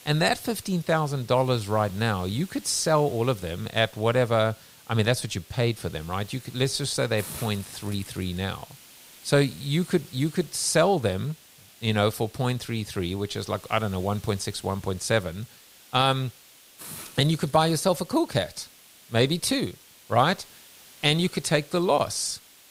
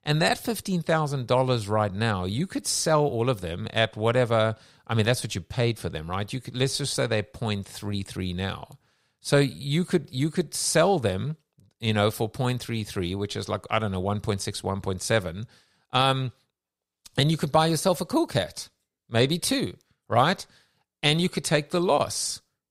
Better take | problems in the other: second | hiss; faint; throughout; 20 dB below the speech

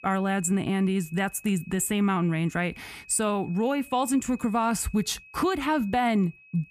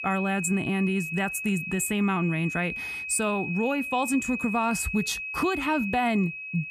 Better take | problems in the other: first | high-pitched whine; loud; throughout; 2.5 kHz, 5 dB below the speech; faint in the first

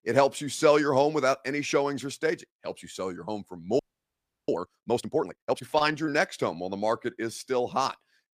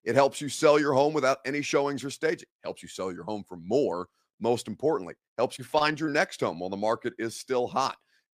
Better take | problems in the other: second | audio freezing; at 4 s for 0.5 s

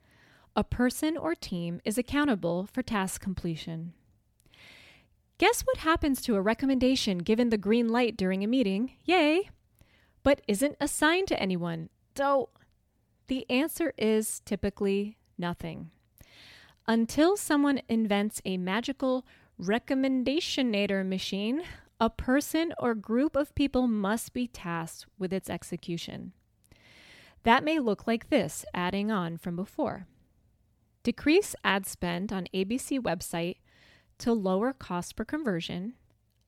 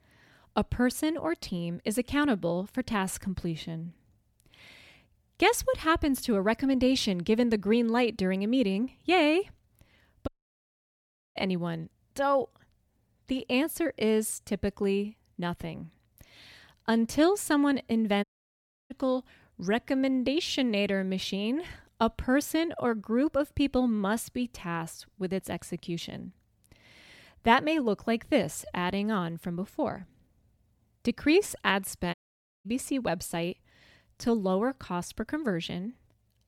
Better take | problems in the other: first | audio cutting out; at 10 s for 1 s, at 18 s for 0.5 s and at 32 s for 0.5 s

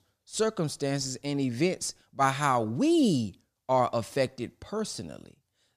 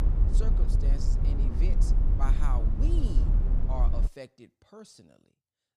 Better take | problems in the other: first | low rumble; loud; until 4 s; 1 dB below the speech

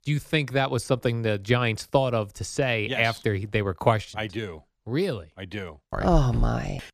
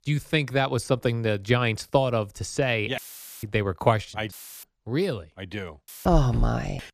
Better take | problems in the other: first | audio cutting out; filled with static; at 3 s, at 4.5 s and at 6 s

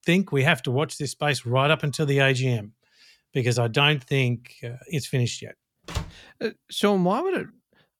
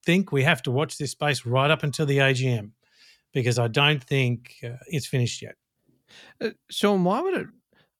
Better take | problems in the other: second | door banging; faint; at 6 s; peak 10 dB below the speech

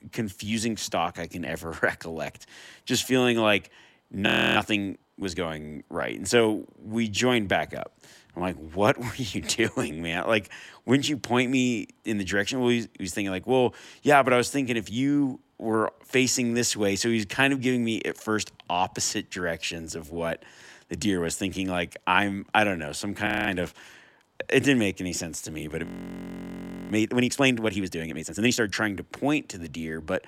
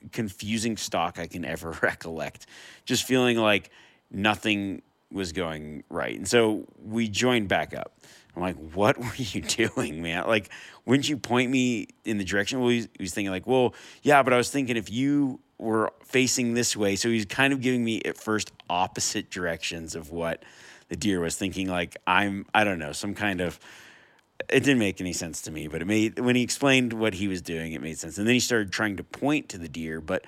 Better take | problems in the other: second | audio freezing; at 4.5 s, at 23 s and at 26 s for 1 s

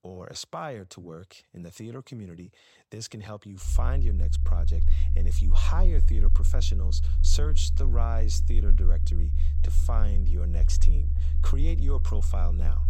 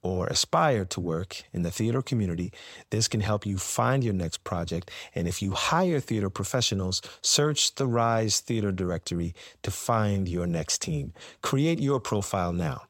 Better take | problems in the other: second | low rumble; loud; from 3.5 s on; 7 dB below the speech

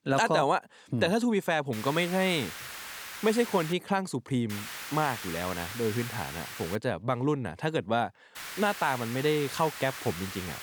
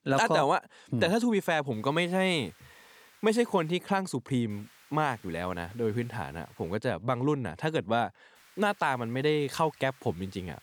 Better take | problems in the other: second | hiss; loud; from 1.5 to 3.5 s, from 4.5 to 7 s and from 8.5 s on; 9 dB below the speech; faint in the second

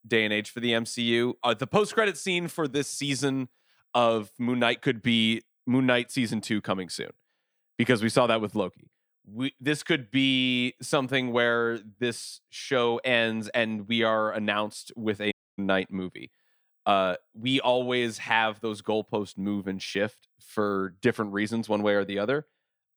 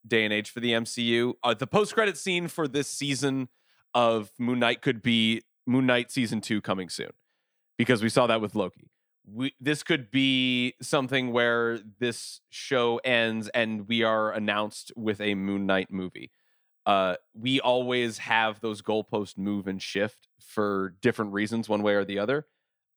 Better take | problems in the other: second | audio cutting out; at 15 s

